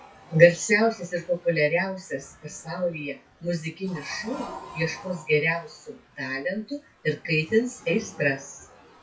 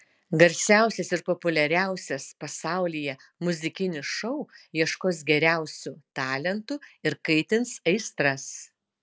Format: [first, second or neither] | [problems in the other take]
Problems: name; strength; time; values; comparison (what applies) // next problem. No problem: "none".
second | noise reduction (classical method WPE with log-MMSE)